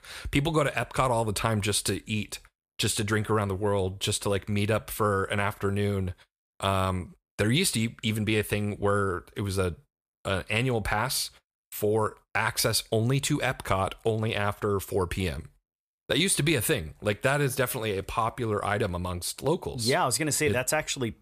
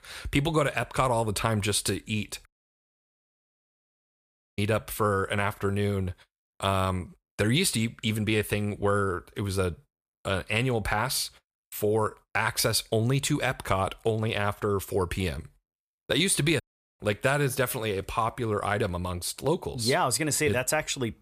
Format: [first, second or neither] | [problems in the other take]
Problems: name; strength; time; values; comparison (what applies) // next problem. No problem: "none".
first | audio cutting out; at 2.5 s for 2 s and at 17 s